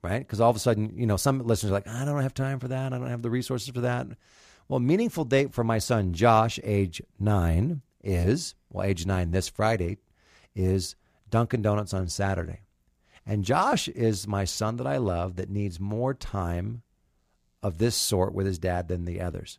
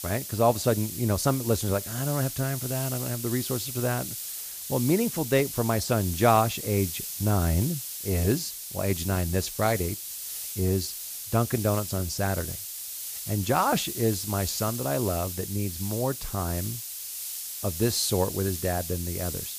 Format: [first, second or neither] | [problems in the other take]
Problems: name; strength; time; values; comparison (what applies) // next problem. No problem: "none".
first | hiss; loud; throughout; 6 dB below the speech